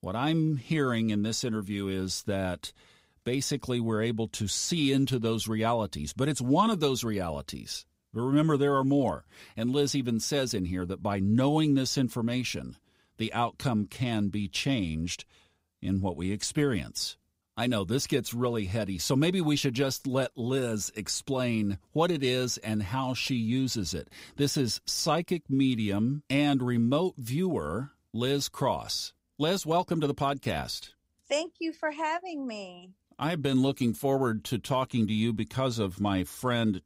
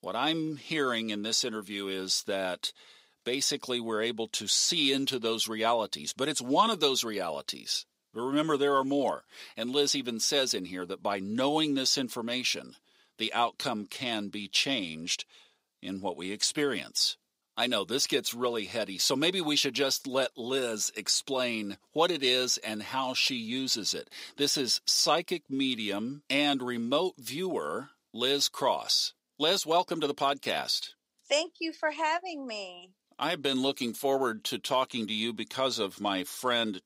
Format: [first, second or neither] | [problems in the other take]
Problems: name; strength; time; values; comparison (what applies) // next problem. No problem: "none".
first | thin; somewhat; fading below 350 Hz